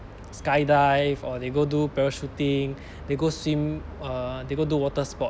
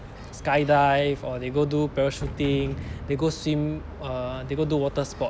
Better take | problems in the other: first | background sound (Sliding door); 15 dB below the speech

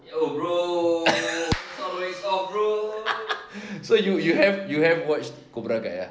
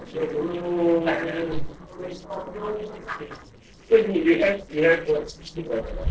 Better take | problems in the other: first | noise reduction (neural separator model SepFormer DNS4)

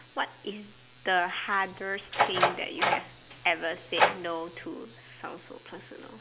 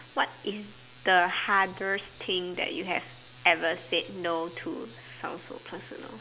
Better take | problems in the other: second | background sound (Door); 3 dB above the speech

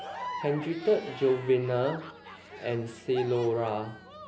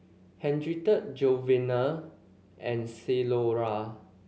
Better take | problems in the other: second | background sound (Crowd / Cheering); 13 dB below the speech

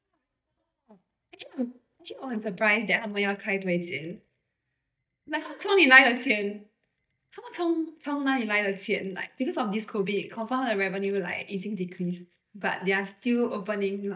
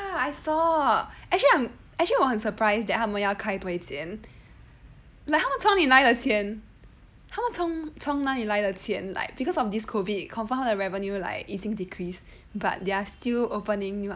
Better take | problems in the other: second | noise reduction (neural mask model DeepFilterNet 3)

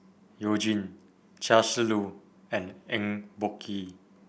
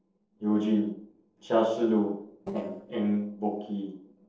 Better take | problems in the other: first | noise reduction (neural separator model SepFormer DNS4)

